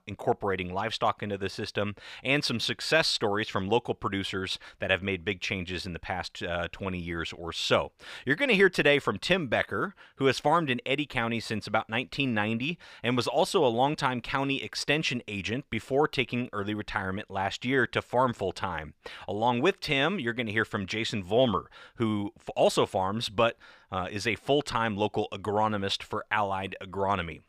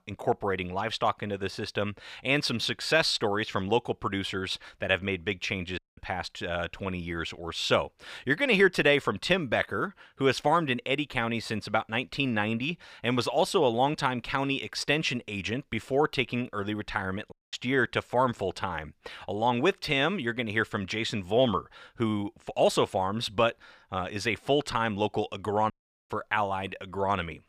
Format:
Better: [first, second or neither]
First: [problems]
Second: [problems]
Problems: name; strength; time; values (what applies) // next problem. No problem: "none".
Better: first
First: none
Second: audio cutting out; at 6 s, at 17 s and at 26 s